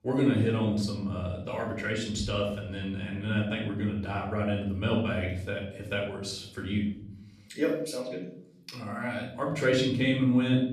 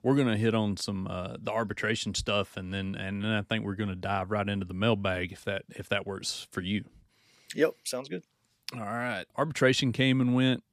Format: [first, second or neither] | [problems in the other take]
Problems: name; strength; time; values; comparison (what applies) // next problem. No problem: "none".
second | room echo; noticeable; dies away in 0.9 s // off-mic speech; far